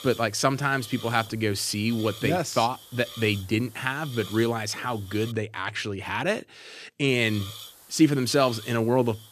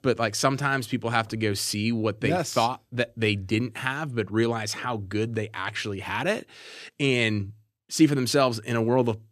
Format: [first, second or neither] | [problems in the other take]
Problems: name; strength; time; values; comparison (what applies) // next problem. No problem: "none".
second | hiss; noticeable; until 5.5 s and from 7 s on; 15 dB below the speech